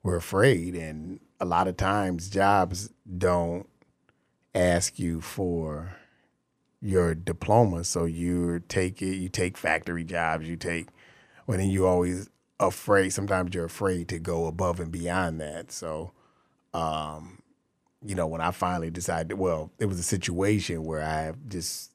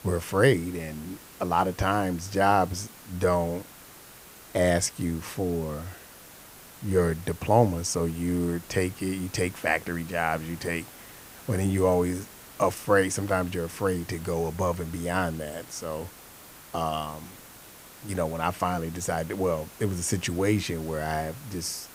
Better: first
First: none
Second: hiss; noticeable; throughout; 20 dB below the speech

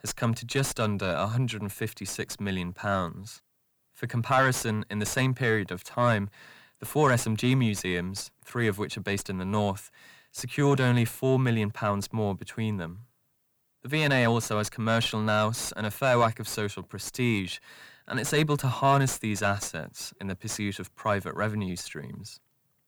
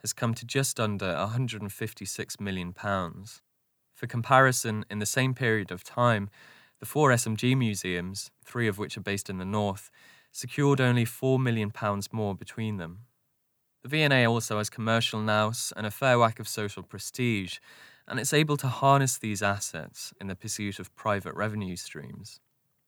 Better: second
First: distortion; slight; 10 dB below the speech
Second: none

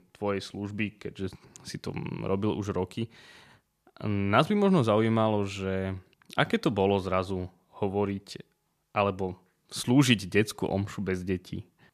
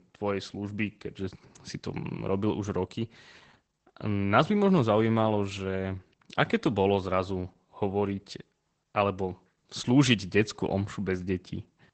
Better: first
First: none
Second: garbled, watery; badly; nothing above 8 kHz

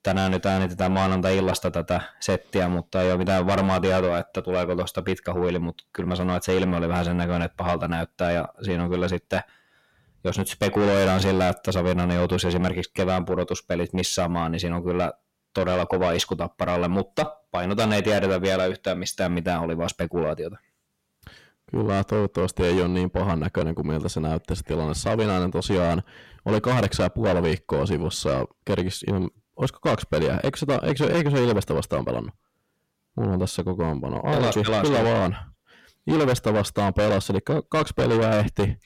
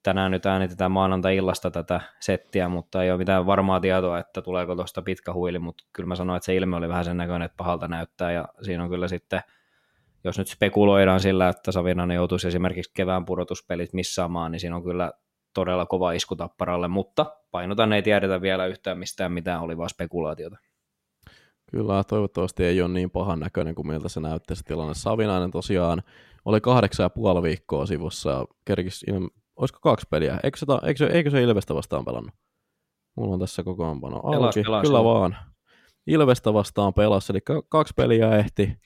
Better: second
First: distortion; heavy; 7 dB below the speech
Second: none

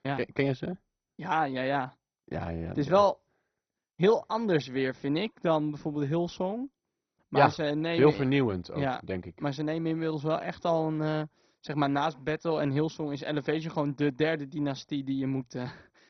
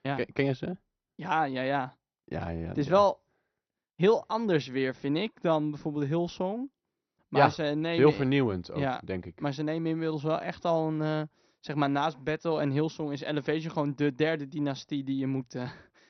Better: second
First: garbled, watery; badly; nothing above 6 kHz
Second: garbled, watery; slightly; nothing above 6 kHz

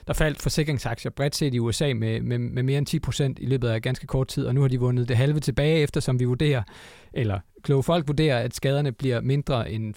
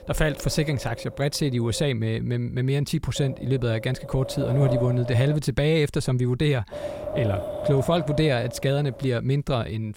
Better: first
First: none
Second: wind noise on the microphone; heavy; until 2 s, from 3 to 5.5 s and from 6.5 to 9 s; 5 dB below the speech

